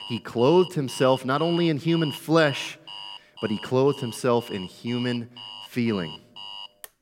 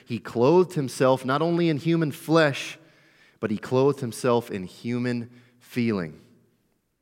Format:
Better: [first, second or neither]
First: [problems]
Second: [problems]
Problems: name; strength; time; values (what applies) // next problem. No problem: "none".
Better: second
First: alarm; faint; peak 10 dB below the speech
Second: none